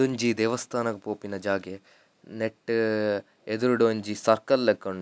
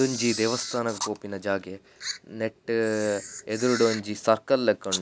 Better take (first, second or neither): first